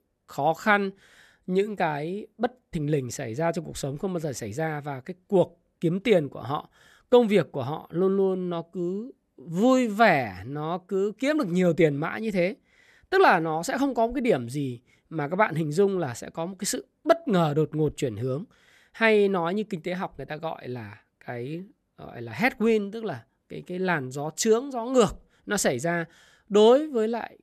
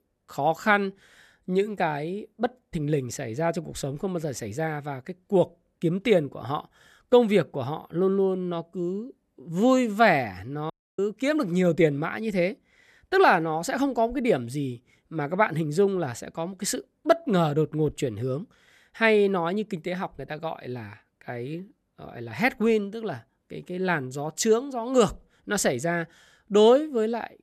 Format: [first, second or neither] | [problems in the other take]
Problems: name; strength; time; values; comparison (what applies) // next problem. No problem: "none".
first | audio cutting out; at 11 s